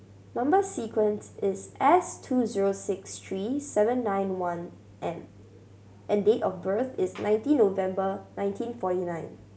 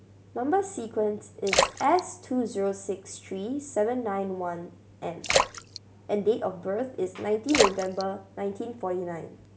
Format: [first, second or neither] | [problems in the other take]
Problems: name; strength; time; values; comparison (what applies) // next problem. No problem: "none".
first | background sound (Splash, splatter); 2 dB below the speech